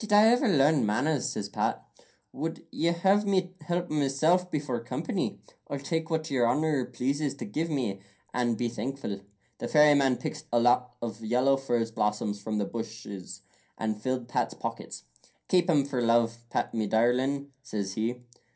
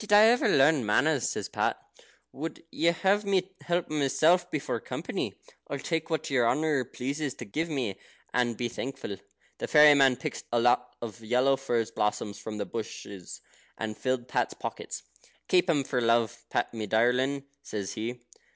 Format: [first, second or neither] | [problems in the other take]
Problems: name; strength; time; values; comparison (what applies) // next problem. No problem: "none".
second | room echo; dies away in 0.3 s